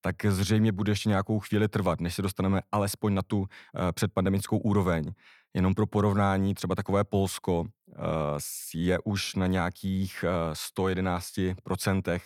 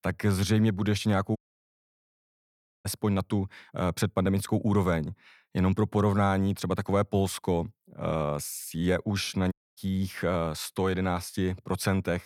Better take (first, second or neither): first